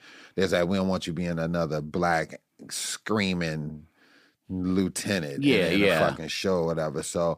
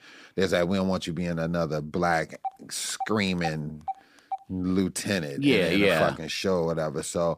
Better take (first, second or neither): first